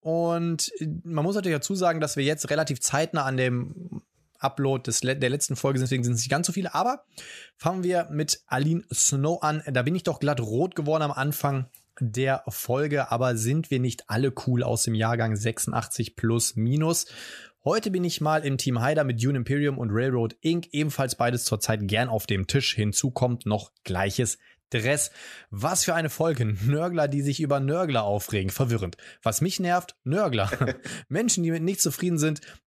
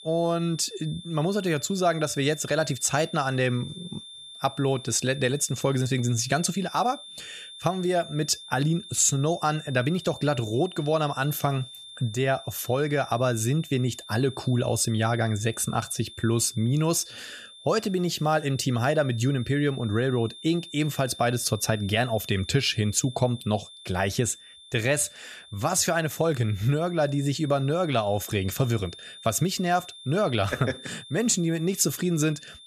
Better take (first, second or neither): first